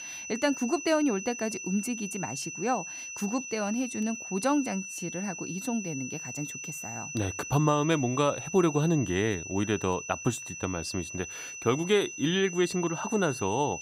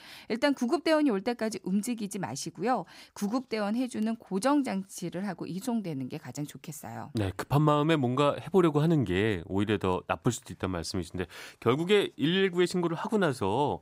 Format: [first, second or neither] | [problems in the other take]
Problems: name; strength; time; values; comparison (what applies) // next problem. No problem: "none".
second | high-pitched whine; loud; throughout; 6 kHz, 8 dB below the speech